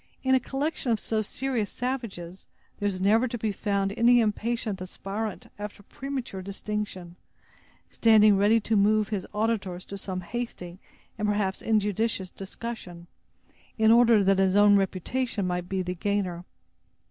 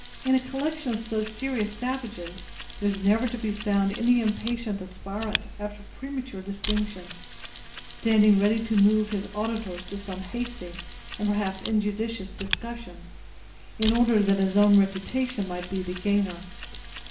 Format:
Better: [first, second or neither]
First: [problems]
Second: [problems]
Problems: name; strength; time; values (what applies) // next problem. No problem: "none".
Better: first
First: none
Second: background sound (Mechanisms); 11 dB below the speech // room echo; dies away in 0.5 s